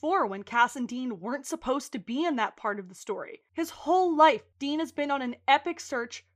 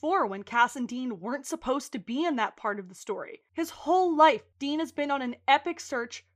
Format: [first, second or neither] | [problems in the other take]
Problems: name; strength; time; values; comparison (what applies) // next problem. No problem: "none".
neither | none